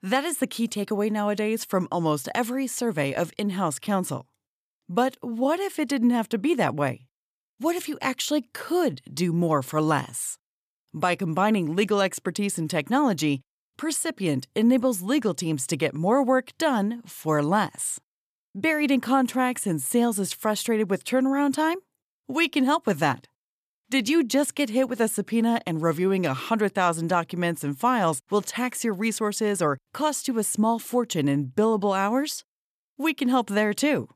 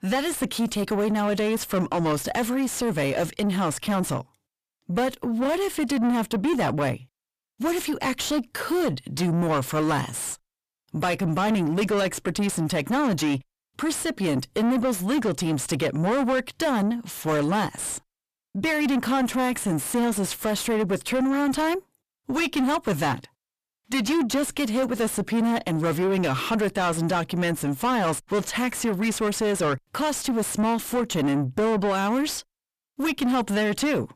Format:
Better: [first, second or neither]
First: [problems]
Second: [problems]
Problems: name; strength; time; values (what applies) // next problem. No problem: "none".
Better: first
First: none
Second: distortion; heavy; 6 dB below the speech